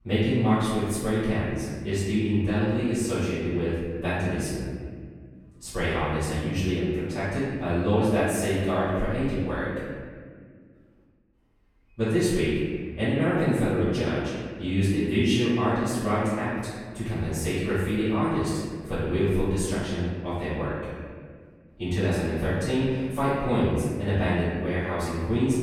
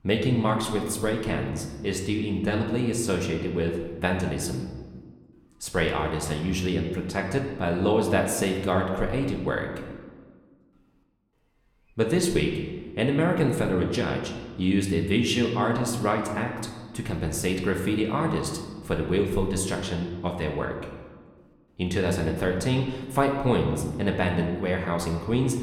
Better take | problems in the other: second | room echo; strong; dies away in 1.8 s; slight in the second // off-mic speech; far

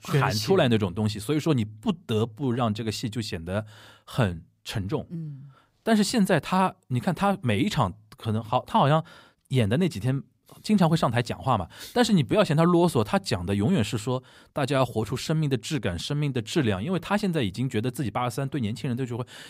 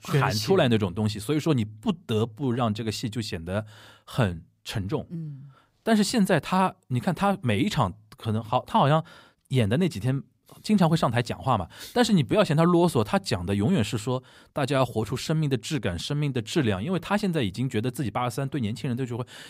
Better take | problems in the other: neither | none

